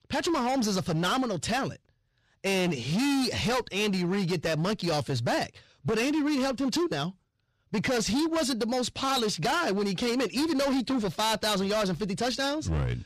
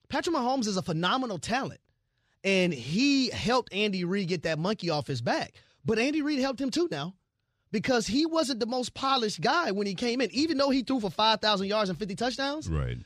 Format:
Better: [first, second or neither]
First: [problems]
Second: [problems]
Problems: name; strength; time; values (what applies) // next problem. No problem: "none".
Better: second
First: distortion; heavy; 22% of the sound clipped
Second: none